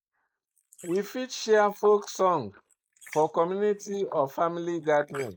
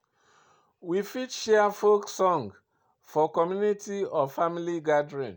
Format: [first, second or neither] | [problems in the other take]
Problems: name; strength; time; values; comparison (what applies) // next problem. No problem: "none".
second | noise reduction (neural mask model Resemble Enhance denoiser)